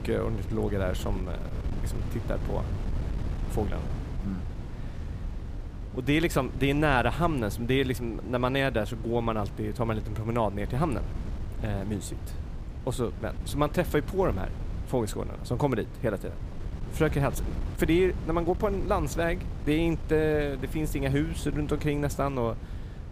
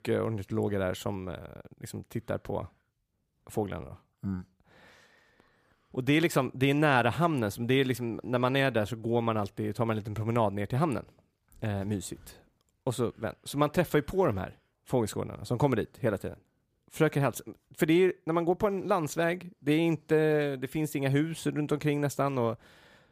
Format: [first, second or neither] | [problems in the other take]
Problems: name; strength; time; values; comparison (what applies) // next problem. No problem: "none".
second | wind noise on the microphone; occasional gusts; 15 dB below the speech